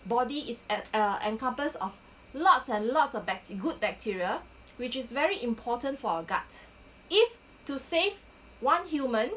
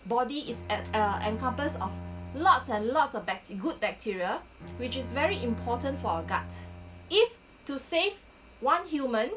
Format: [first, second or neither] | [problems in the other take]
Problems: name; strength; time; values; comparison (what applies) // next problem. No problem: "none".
first | background sound (Bowed string instrument); 11 dB below the speech